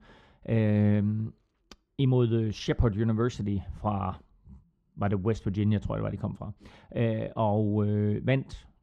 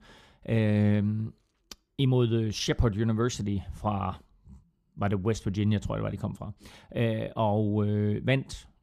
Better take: second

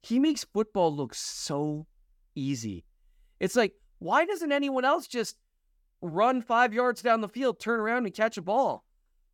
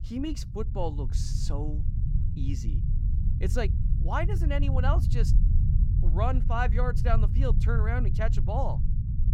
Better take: first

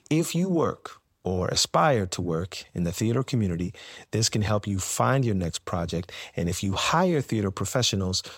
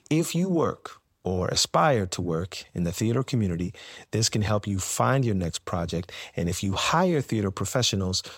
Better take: neither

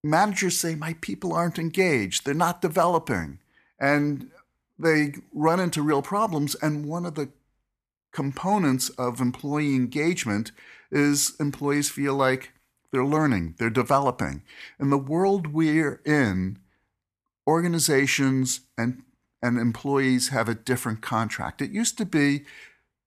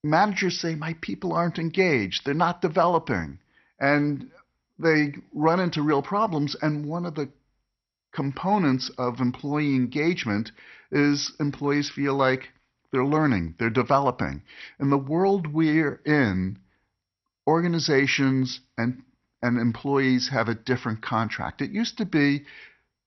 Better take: first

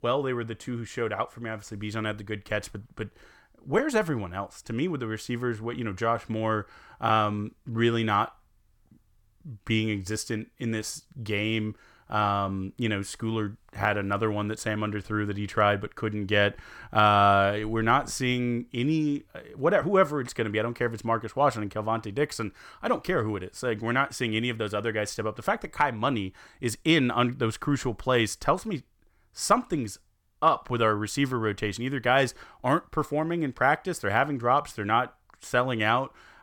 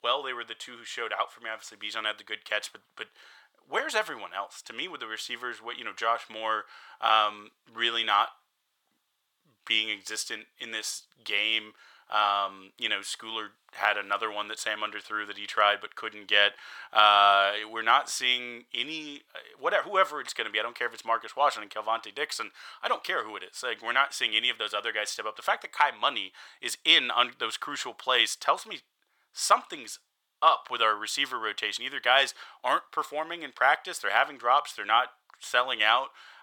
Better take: first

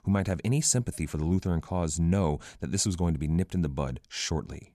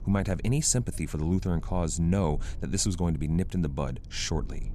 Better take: first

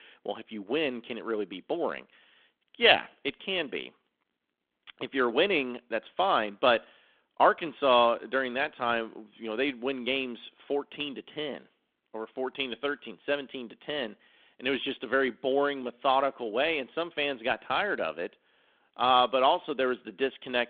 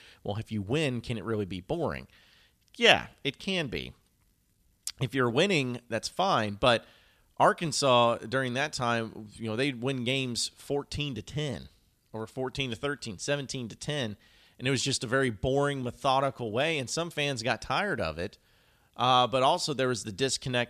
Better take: second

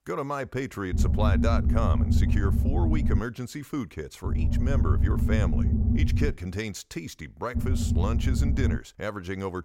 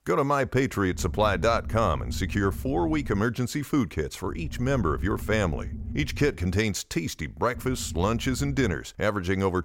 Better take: second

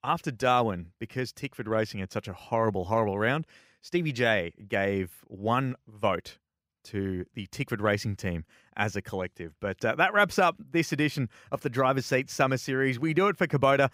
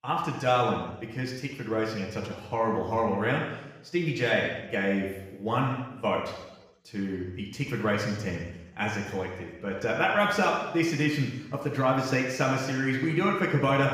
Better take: first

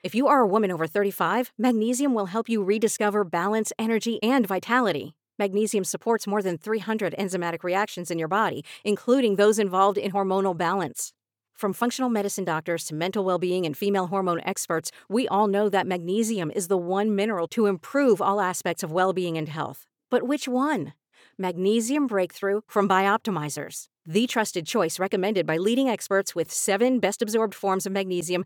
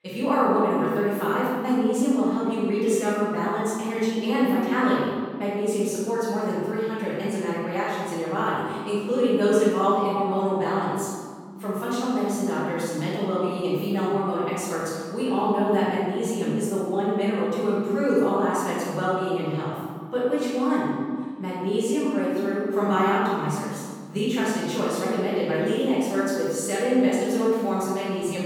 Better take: first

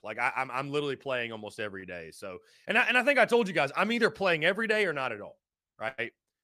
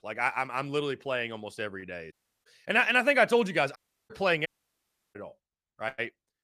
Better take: first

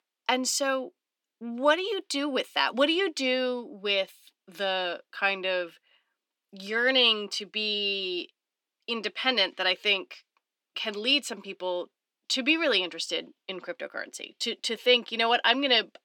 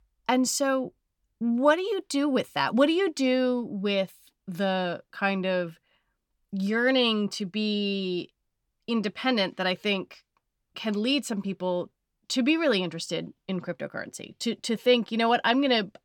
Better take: second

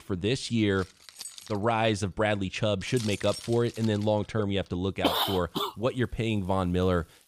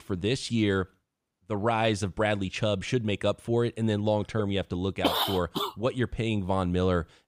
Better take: second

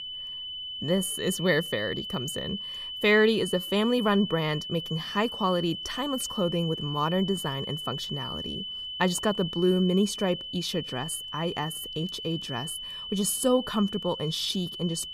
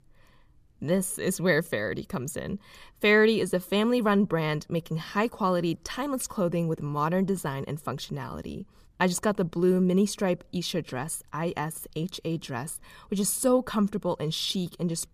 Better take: second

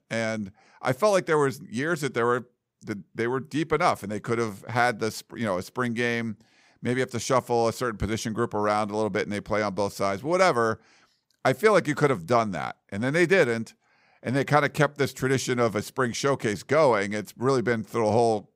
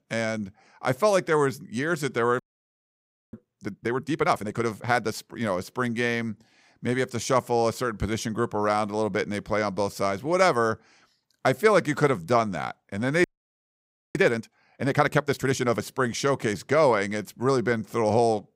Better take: first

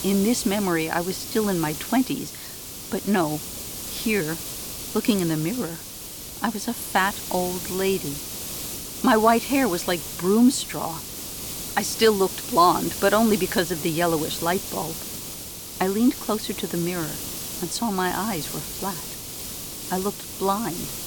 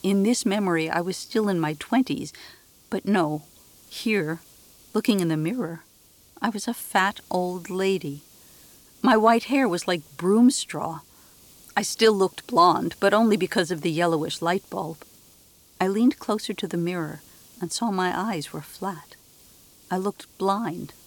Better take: second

